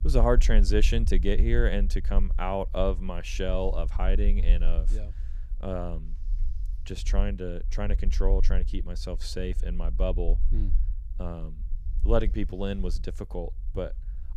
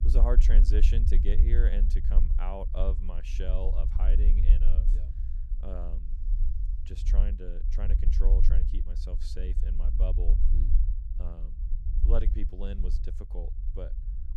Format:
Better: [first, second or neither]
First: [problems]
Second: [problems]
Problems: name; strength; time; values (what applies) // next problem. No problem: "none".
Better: first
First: low rumble; faint; throughout; 20 dB below the speech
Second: low rumble; loud; throughout; 7 dB below the speech